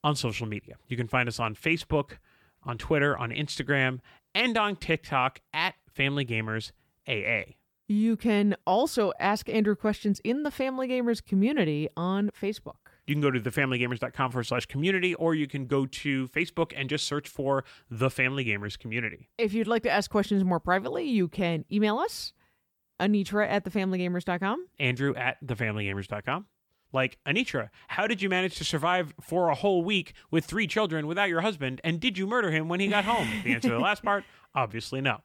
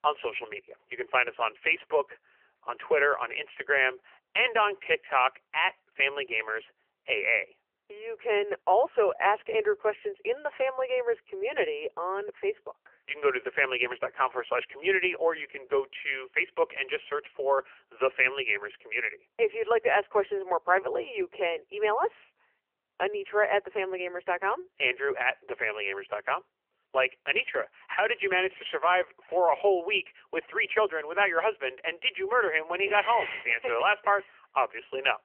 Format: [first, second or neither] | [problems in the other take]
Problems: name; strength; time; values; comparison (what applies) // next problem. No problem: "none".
first | phone-call audio; nothing above 3 kHz